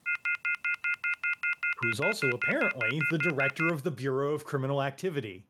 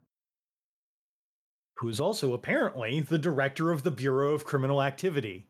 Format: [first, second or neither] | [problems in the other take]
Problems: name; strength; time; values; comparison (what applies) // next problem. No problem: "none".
second | phone ringing; loud; until 3.5 s; peak 3 dB above the speech